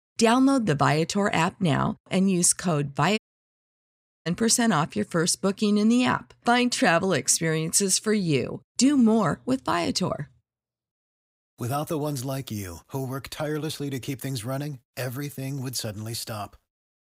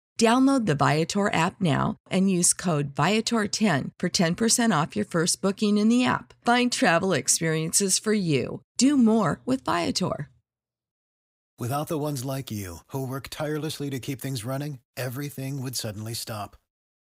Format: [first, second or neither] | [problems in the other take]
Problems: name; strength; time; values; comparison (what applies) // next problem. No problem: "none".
second | audio cutting out; at 3 s for 1 s